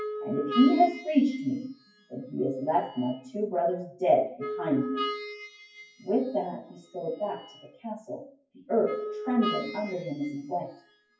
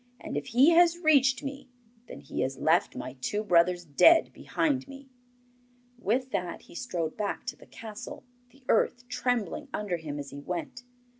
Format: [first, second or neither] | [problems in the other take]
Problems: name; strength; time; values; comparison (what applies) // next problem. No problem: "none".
second | noise reduction (classical method WPE with log-MMSE)